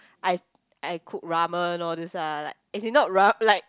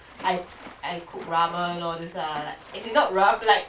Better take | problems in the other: first | background sound (Splash, splatter); 19 dB below the speech // room echo; dies away in 0.3 s

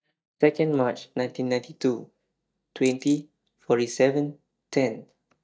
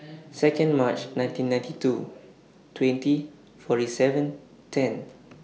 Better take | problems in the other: second | noise reduction (neural mask model DeepFilterNet 3)

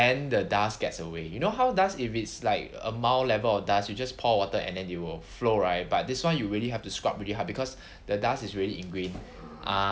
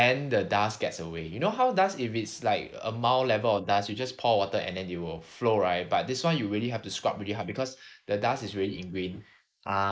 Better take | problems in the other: first | noise reduction (neural mask model Resemble Enhance denoiser)

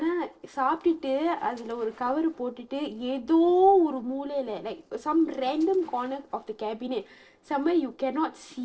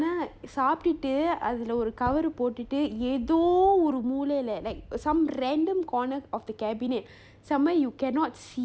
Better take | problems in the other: second | noise reduction (neural separator model SepFormer DNS4)

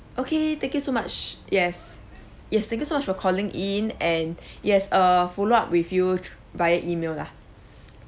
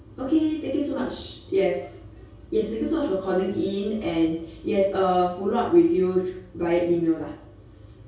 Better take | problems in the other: first | room echo; dies away in 0.6 s

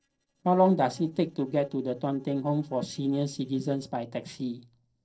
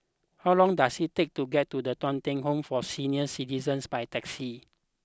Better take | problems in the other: second | noise reduction (neural separator model SepFormer DNS4)

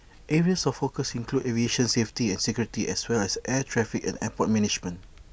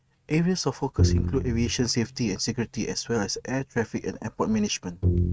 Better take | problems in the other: first | noise reduction (neural mask model RNNoise)

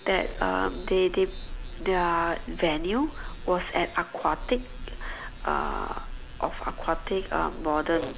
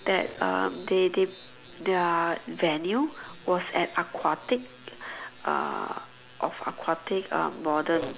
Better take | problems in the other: second | background sound (Car); 9 dB below the speech

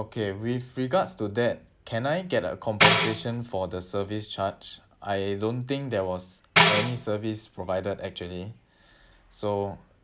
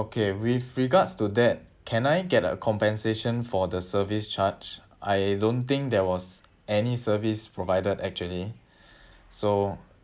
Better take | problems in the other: second | background sound (Tambourine); 4 dB above the speech

